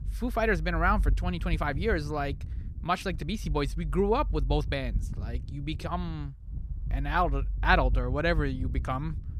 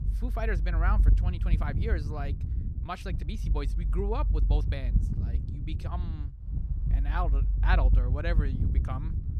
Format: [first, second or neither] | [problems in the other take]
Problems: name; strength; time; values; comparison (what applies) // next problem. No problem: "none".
first | wind noise on the microphone; heavy; 10 dB below the speech; occasional gusts in the first